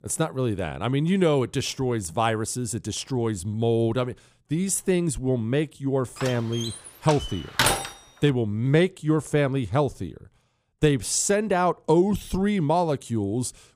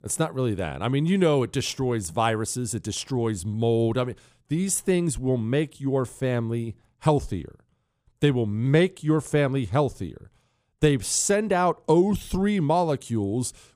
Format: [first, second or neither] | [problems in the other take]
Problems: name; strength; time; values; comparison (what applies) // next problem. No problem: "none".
second | door banging; loud; from 6 to 8 s; peak 3 dB above the speech